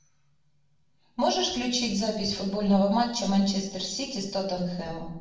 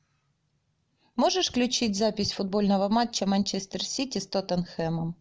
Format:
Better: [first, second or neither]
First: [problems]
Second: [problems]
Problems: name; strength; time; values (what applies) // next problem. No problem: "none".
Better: second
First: room echo; dies away in 0.6 s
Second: none